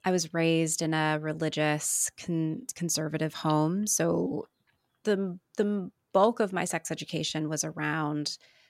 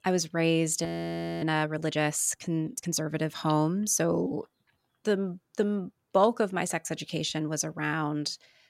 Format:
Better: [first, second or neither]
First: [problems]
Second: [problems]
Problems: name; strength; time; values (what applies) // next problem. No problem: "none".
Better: first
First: none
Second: audio freezing; at 1 s for 0.5 s